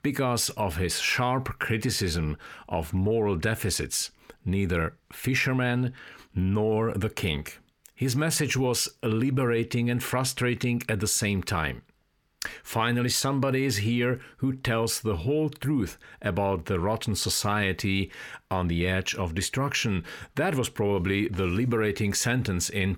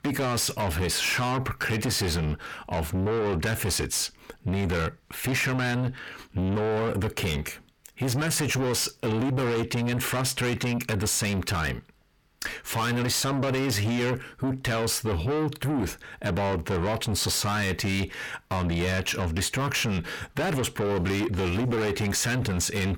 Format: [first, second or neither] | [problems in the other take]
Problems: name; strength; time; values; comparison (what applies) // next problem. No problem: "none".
first | distortion; heavy; 8 dB below the speech